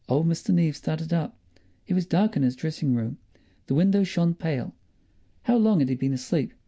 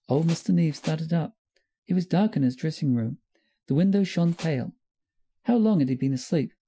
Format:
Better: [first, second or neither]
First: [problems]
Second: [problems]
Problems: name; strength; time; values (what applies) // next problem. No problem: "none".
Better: first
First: none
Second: noise reduction (classical method Wiener filter)